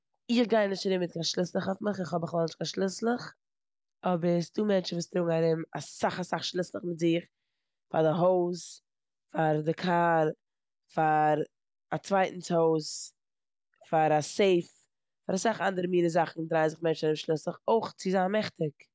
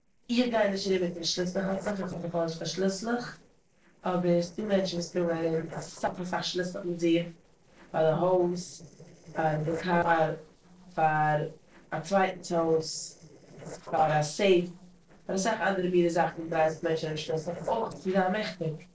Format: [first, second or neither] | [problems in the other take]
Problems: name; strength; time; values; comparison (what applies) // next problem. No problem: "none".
first | noise reduction (neural separator model SepFormer DNS4)